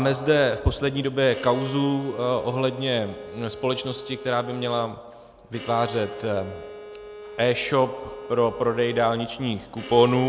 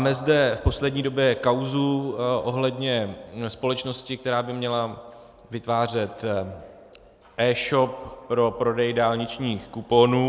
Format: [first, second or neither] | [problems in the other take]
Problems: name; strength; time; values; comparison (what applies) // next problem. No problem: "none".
second | background sound (Bowed string instrument); 15 dB below the speech